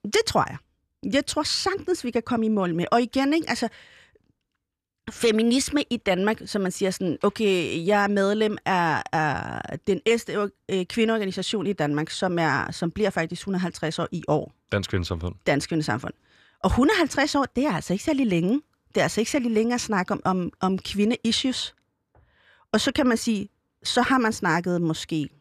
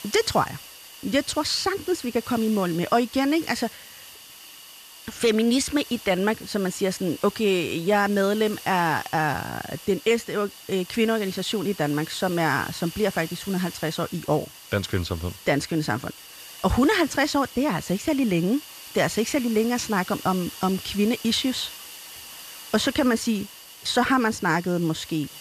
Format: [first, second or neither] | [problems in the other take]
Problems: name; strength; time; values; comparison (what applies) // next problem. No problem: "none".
first | hiss; noticeable; throughout; 15 dB below the speech